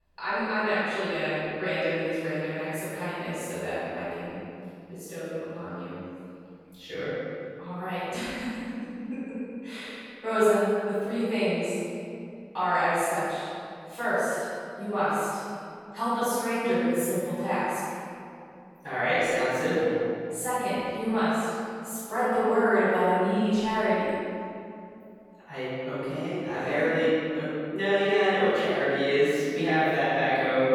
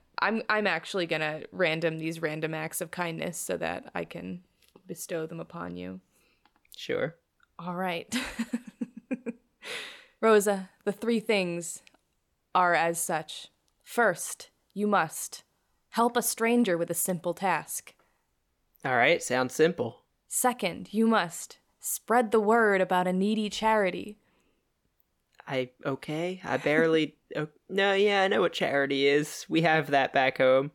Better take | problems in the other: second | off-mic speech; far // room echo; strong; dies away in 2.3 s

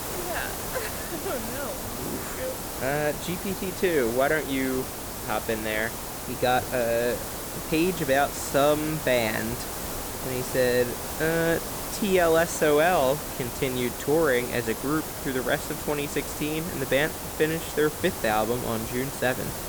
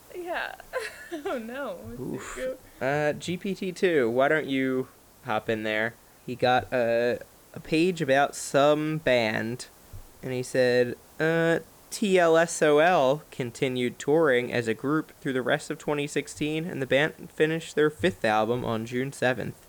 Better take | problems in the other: second | hiss; loud; throughout; 6 dB below the speech; faint in the second

